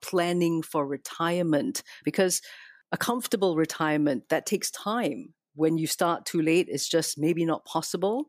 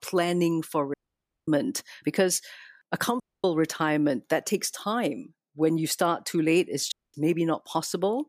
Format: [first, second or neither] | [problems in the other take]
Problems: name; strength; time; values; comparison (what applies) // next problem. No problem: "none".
first | audio cutting out; at 1 s for 0.5 s, at 3 s and at 7 s